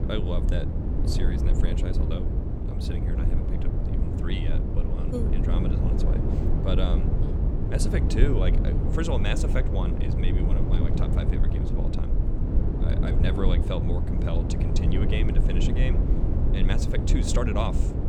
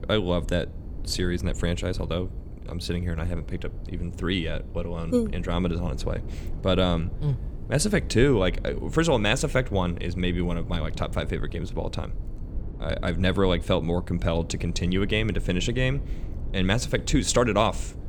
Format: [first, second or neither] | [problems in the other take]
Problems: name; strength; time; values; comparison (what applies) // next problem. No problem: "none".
second | low rumble; loud; throughout; 1 dB below the speech; faint in the second